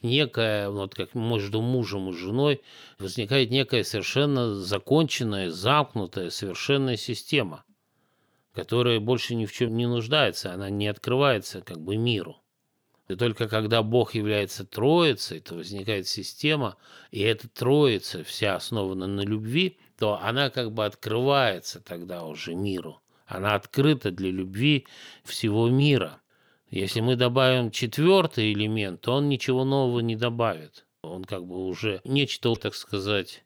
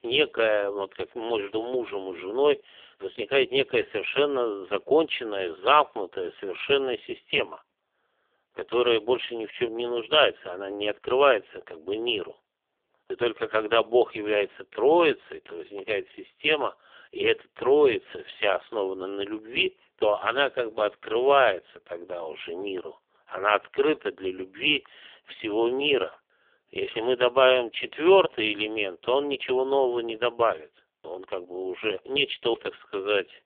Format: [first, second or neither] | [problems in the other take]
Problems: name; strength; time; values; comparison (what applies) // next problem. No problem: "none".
first | phone-call audio; poor line; nothing above 3.5 kHz